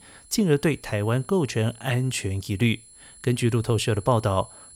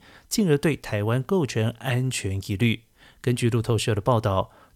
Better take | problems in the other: second | high-pitched whine; faint; throughout; 10 kHz, 20 dB below the speech

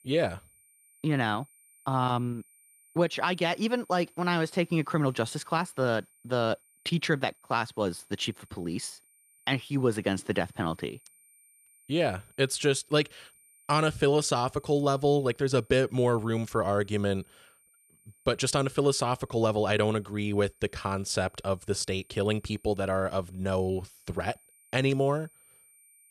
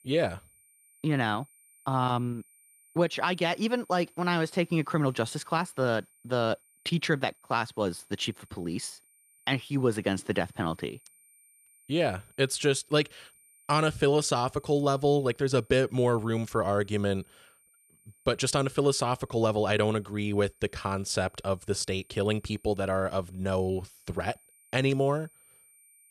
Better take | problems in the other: neither | high-pitched whine; faint; throughout; 9 kHz, 30 dB below the speech; the same in both

